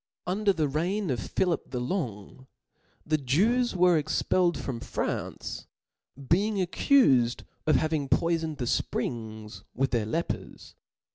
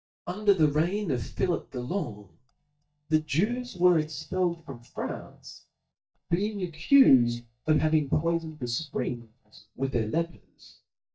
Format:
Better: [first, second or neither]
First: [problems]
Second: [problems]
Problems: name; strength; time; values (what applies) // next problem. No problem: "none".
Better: first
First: none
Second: noise reduction (neural mask model DeepFilterNet 3)